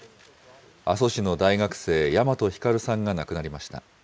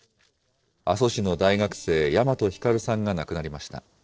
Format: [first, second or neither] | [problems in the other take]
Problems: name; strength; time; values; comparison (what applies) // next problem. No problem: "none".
first | noise reduction (neural separator model SepFormer DNS4)